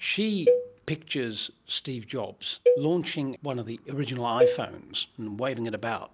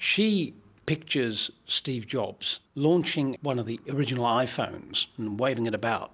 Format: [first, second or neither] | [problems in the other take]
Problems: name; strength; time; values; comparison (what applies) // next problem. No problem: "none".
second | background sound (Cowbell); 2 dB above the speech